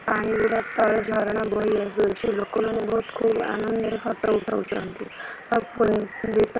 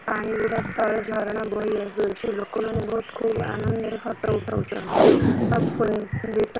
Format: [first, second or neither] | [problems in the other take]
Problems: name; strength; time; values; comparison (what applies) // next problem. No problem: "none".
first | background sound (Bass guitar + Packing tape, duct tape); as loud as the speech